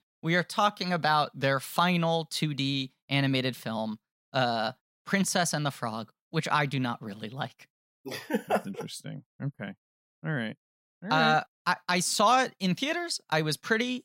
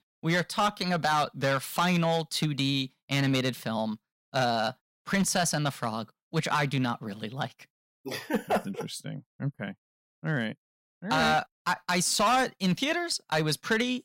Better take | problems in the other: first | distortion; slight; 5% of the sound clipped

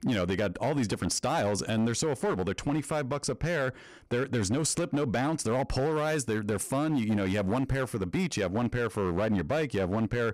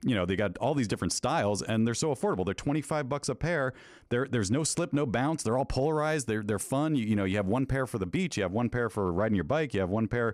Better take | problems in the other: second | distortion; slight; 13% of the sound clipped

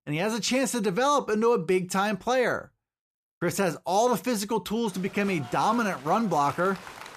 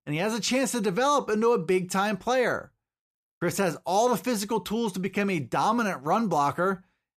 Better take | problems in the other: second | crowd noise; noticeable; from 5 s on; 15 dB below the speech

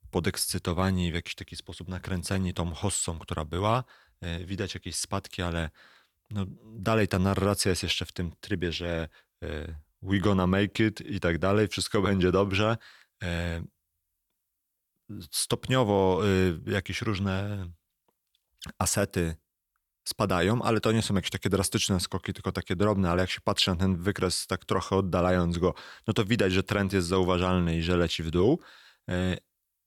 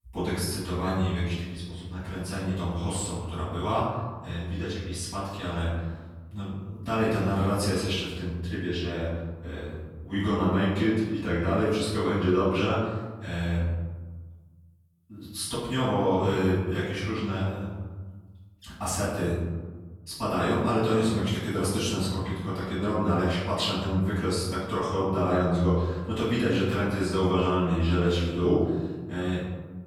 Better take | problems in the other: first | off-mic speech; far // room echo; strong; dies away in 1.4 s

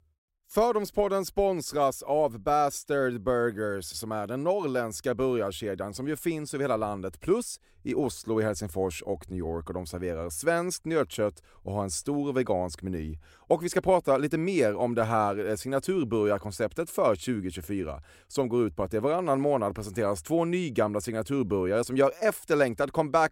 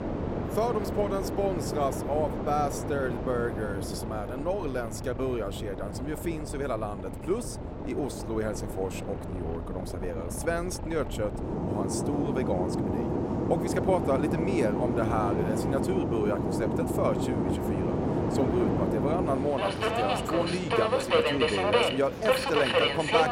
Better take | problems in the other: first | train or aircraft noise; very loud; throughout; 1 dB above the speech

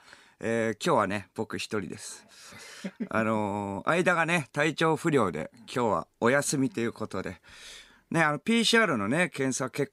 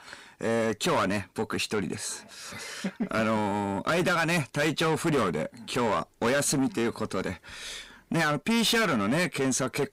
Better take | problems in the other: first | distortion; heavy; 6 dB below the speech

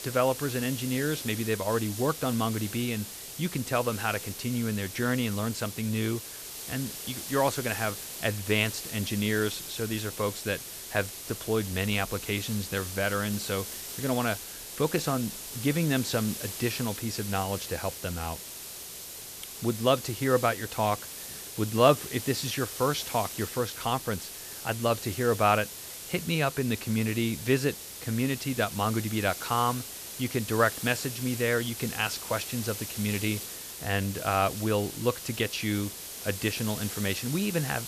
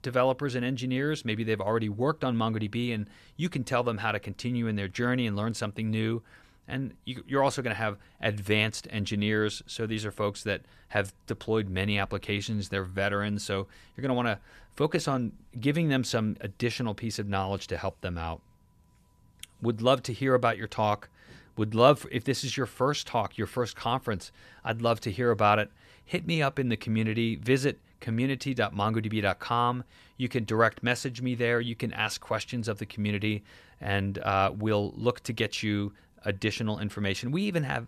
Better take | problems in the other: second | hiss; loud; throughout; 8 dB below the speech

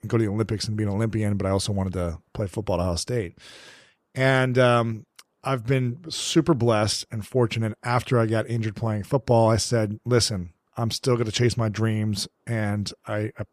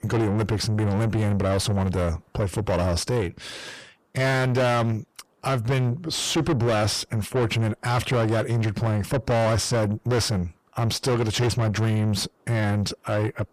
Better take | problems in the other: first | distortion; heavy; 6 dB below the speech

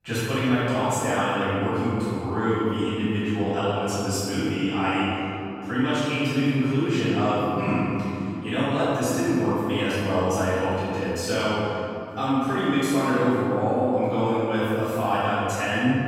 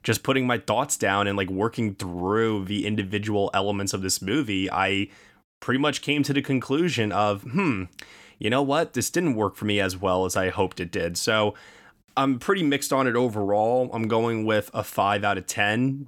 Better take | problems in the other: second | off-mic speech; far // room echo; strong; dies away in 3 s

